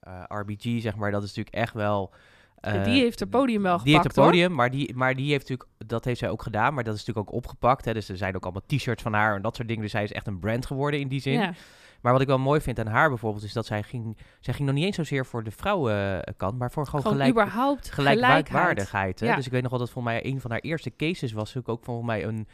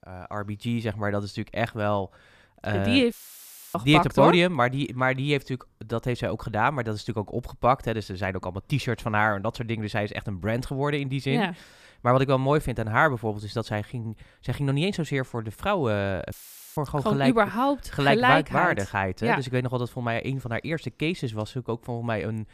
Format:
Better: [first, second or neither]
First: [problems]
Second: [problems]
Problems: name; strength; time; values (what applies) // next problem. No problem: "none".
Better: first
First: none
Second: audio cutting out; filled with static; at 3 s for 0.5 s and at 16 s